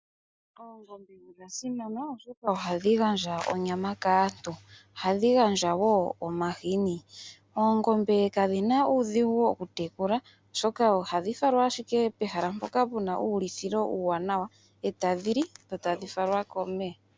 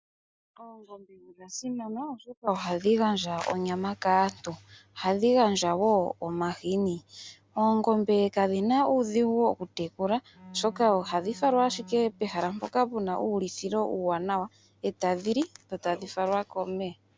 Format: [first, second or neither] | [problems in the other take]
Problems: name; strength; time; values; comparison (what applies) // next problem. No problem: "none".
first | background sound (Bowed string instrument); 20 dB below the speech